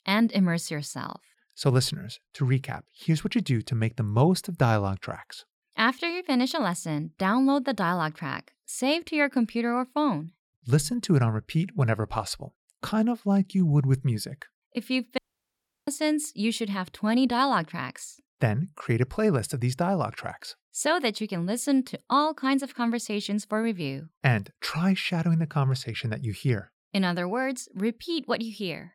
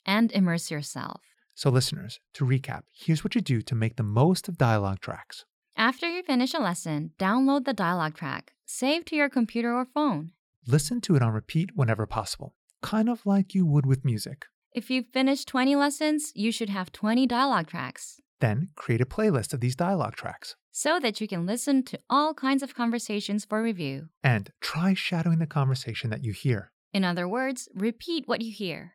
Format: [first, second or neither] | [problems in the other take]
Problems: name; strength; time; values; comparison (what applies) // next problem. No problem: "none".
second | audio cutting out; at 15 s for 0.5 s